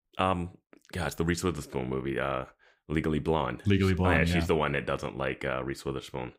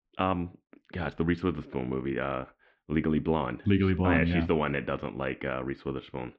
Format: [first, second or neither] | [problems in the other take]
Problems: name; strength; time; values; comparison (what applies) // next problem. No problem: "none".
first | muffled; very; fading above 3.5 kHz